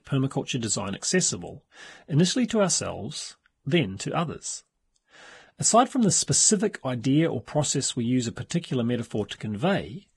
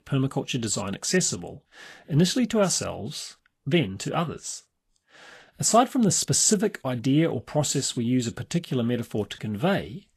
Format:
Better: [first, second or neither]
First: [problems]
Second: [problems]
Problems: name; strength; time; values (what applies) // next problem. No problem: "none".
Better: second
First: garbled, watery; badly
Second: garbled, watery; slightly; nothing above 12.5 kHz